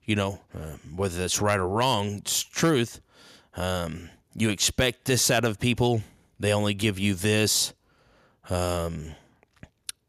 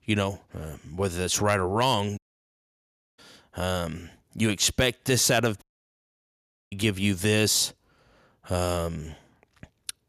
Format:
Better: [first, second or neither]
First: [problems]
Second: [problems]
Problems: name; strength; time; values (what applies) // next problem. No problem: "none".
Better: first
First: none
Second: audio cutting out; at 2 s for 1 s and at 5.5 s for 1 s